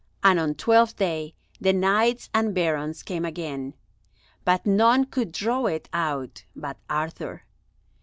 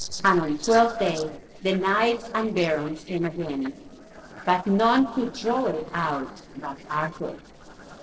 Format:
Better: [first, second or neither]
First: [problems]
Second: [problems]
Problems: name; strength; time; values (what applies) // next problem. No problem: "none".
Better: first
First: none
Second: noise reduction (neural separator model SepFormer DNS4)